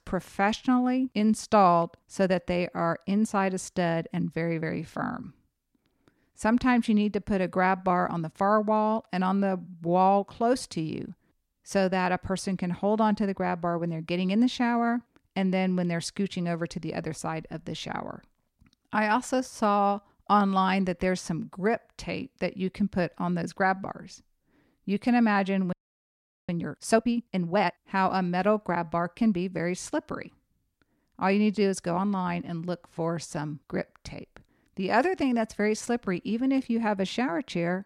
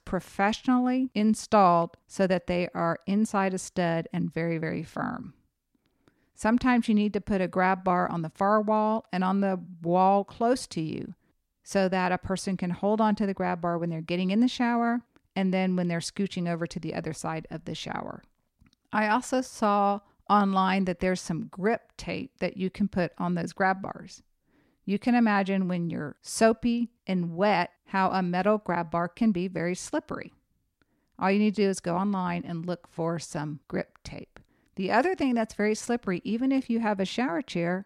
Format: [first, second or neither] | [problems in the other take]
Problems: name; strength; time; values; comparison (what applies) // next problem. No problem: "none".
second | audio freezing; at 26 s for 1 s